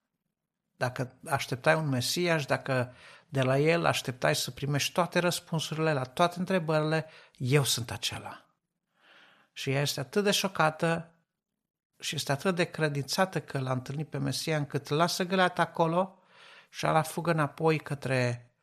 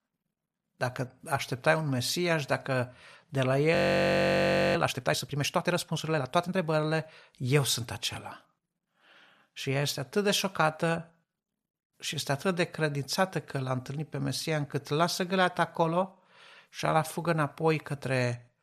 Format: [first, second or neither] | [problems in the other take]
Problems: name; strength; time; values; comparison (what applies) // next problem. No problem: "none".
first | audio freezing; at 4 s for 1 s